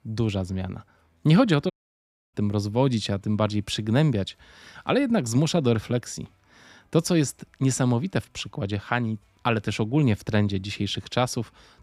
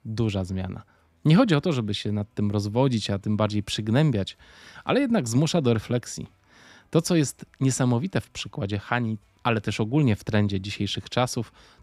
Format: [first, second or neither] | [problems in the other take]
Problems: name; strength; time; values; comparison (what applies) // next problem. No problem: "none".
second | audio cutting out; at 1.5 s for 0.5 s